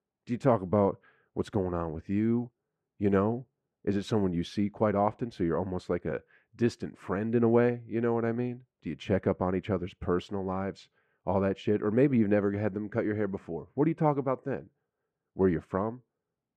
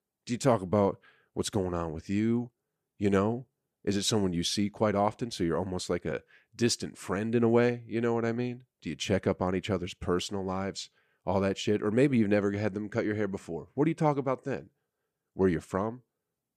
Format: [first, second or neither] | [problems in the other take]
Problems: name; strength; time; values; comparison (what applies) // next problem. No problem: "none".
second | muffled; very; fading above 3 kHz